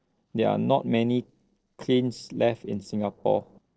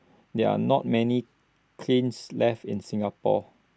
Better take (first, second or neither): second